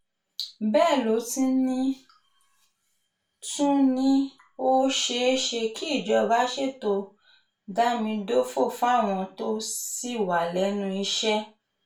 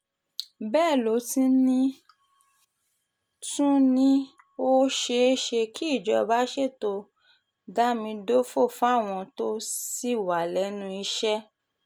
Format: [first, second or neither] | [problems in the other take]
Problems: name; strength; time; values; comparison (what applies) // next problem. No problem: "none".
second | room echo; dies away in 0.3 s